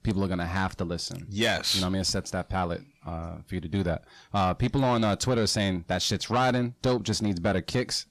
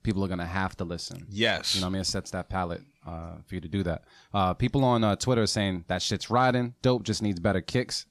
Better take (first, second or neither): second